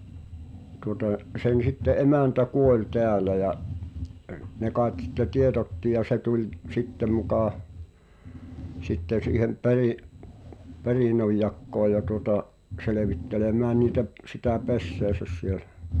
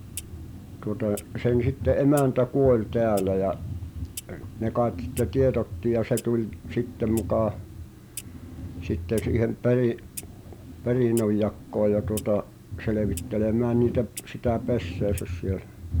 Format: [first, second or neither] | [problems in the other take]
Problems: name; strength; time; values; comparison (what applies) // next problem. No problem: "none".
first | background sound (Clock); 19 dB below the speech